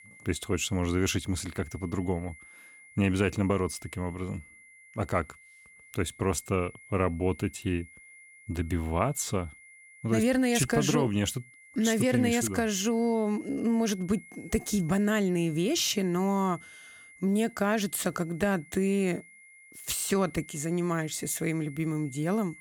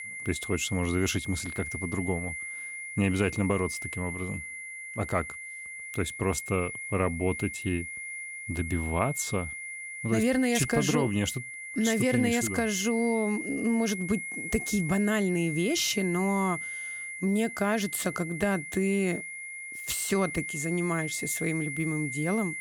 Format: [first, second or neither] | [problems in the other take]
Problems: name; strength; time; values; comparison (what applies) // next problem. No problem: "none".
first | high-pitched whine; loud; throughout; 2 kHz, 7 dB below the speech; faint in the first